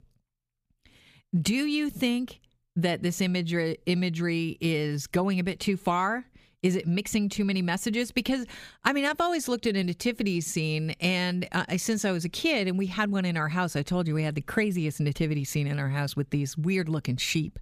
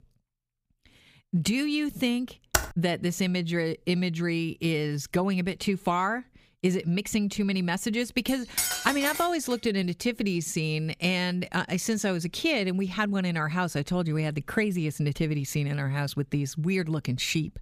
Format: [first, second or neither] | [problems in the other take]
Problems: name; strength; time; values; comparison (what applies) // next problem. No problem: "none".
first | keyboard typing; loud; at 2.5 s; peak level with the speech // clattering dishes; loud; from 8.5 to 9.5 s; peak 1 dB above the speech